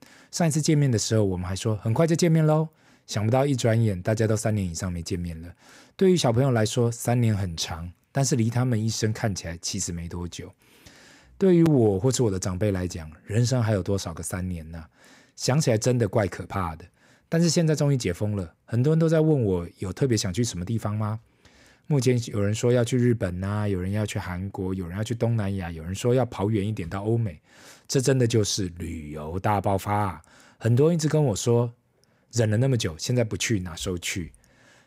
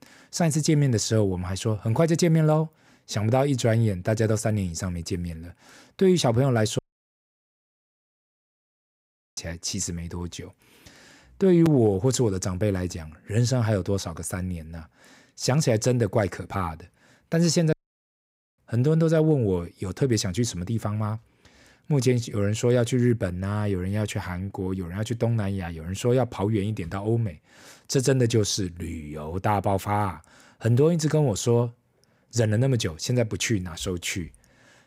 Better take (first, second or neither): first